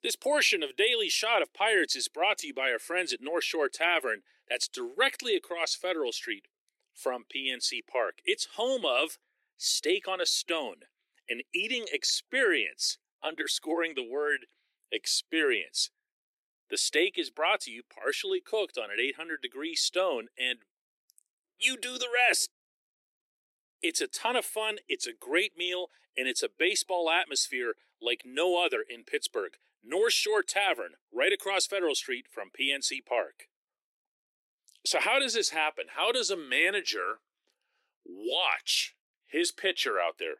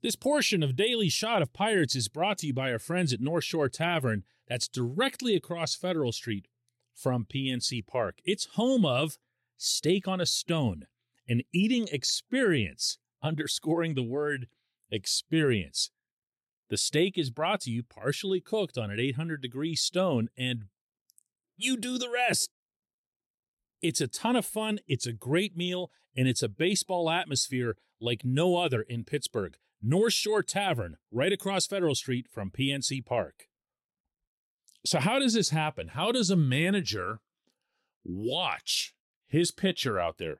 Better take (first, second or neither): second